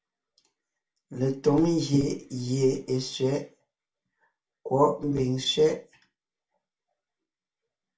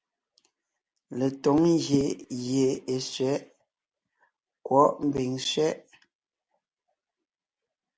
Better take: second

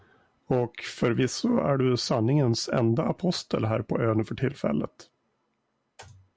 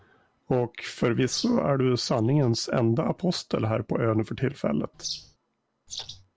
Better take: first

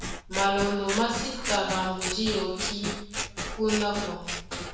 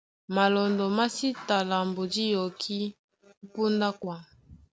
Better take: second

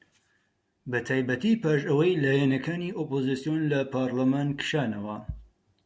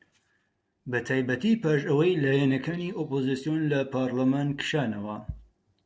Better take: first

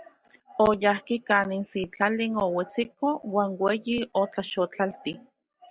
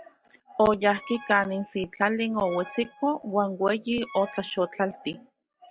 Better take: first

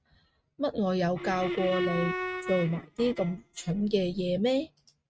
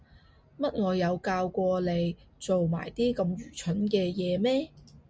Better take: second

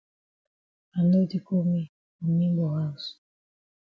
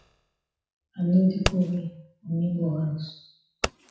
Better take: first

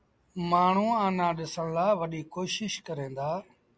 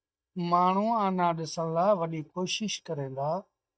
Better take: first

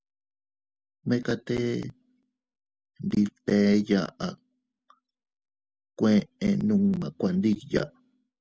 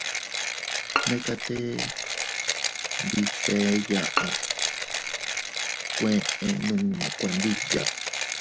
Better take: first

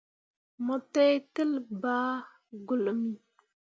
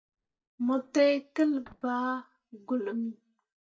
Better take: first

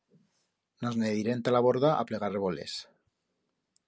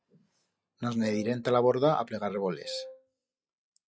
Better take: first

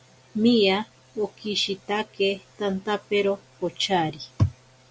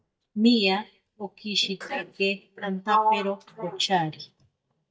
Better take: first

